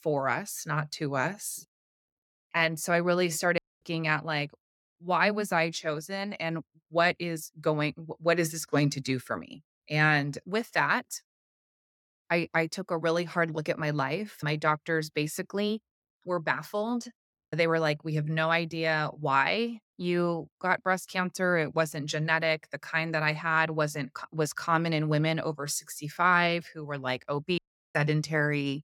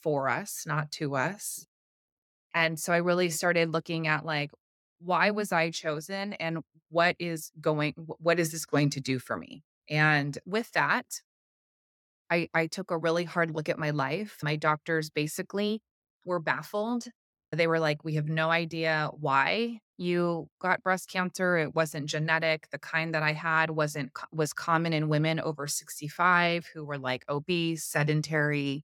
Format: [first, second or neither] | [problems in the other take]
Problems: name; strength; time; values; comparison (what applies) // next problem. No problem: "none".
second | audio cutting out; at 3.5 s and at 28 s